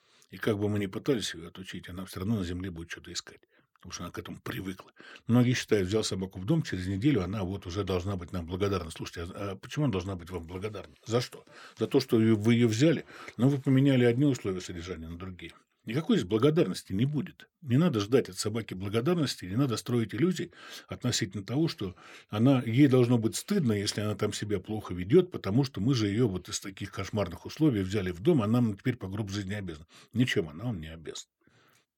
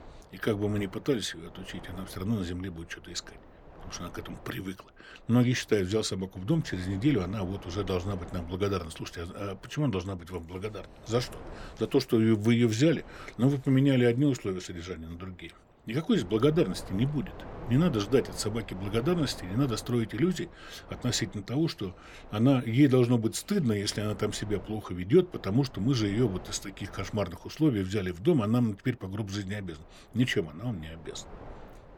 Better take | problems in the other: first | wind noise on the microphone; occasional gusts; 20 dB below the speech

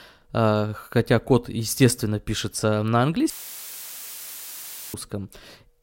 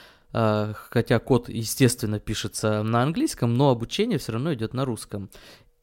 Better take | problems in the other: second | audio cutting out; filled with static; at 3.5 s for 1.5 s

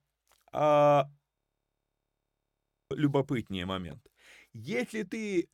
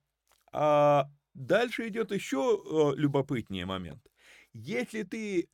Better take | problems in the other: second | audio freezing; at 1.5 s for 1.5 s

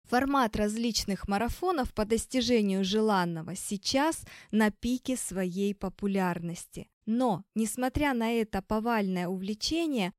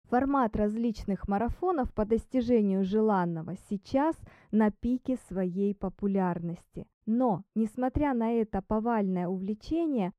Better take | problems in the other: first | muffled; very; fading above 2 kHz

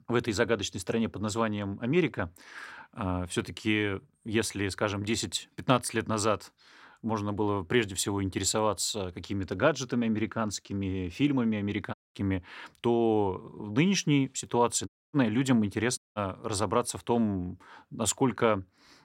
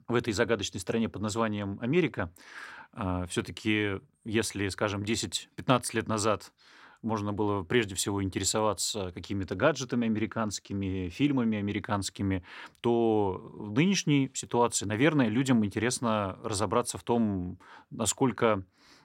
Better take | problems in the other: second | audio cutting out; at 12 s, at 15 s and at 16 s

